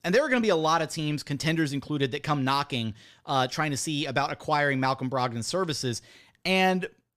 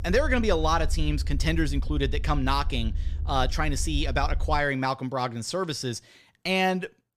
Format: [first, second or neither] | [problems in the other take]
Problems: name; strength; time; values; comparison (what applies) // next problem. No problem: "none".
first | low rumble; faint; until 4.5 s; 25 dB below the speech